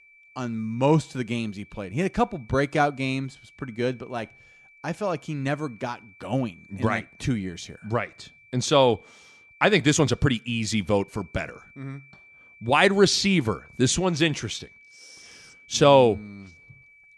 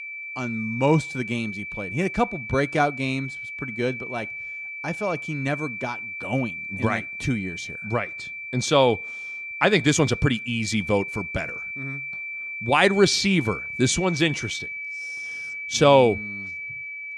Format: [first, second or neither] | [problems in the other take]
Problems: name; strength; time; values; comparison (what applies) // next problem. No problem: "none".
first | high-pitched whine; loud; throughout; 2.5 kHz, 8 dB below the speech; faint in the first